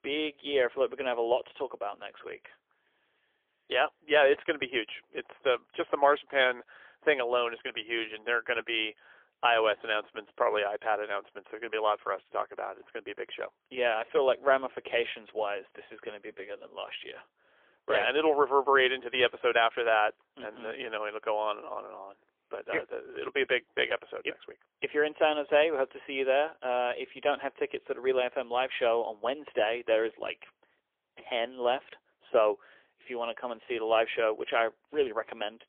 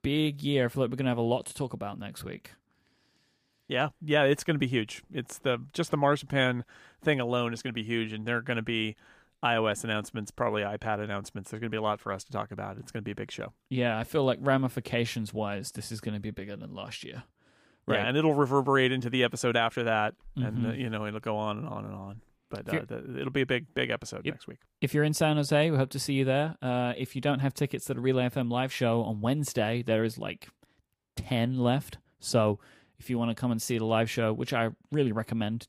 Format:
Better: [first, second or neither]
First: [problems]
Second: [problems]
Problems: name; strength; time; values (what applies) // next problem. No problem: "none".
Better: second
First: phone-call audio; poor line; nothing above 3.5 kHz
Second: none